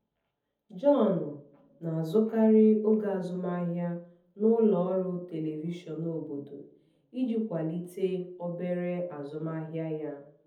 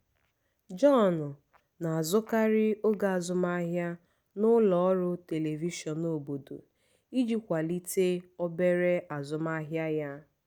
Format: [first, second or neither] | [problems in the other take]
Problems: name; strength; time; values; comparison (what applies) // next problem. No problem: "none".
second | room echo; dies away in 0.6 s